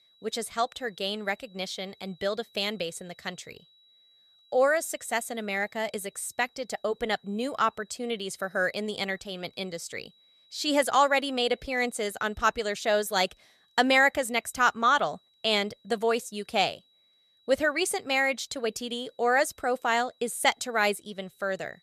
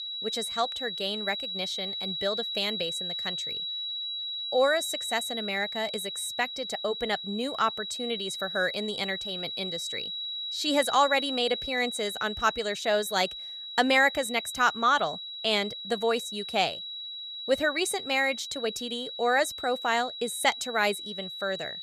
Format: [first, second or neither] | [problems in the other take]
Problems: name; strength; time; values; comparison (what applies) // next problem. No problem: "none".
first | high-pitched whine; loud; throughout; 4 kHz, 5 dB below the speech; faint in the first